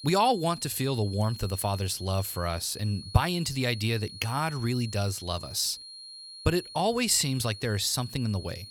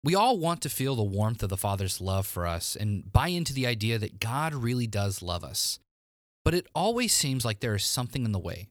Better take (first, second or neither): second